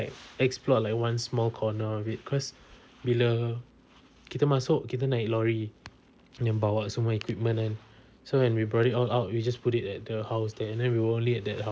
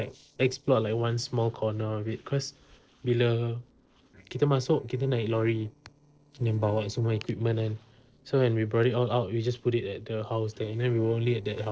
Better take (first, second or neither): first